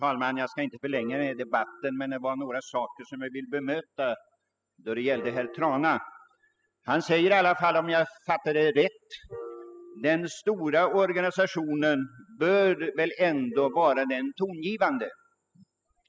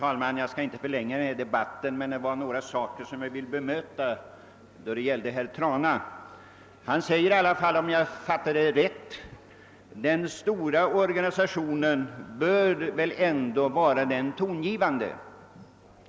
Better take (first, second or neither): second